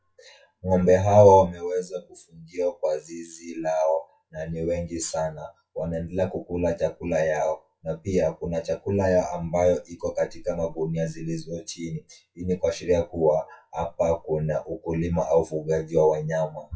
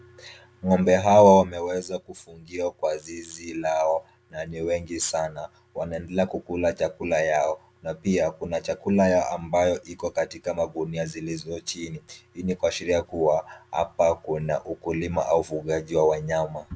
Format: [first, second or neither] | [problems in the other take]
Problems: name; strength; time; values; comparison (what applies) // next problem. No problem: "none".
second | noise reduction (classical method WPE with log-MMSE)